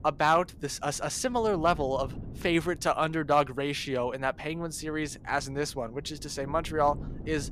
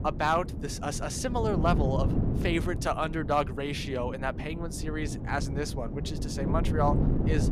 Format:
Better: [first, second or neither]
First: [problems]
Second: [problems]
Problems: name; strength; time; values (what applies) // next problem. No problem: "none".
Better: first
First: wind noise on the microphone; occasional gusts; 25 dB below the speech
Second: wind noise on the microphone; heavy; 9 dB below the speech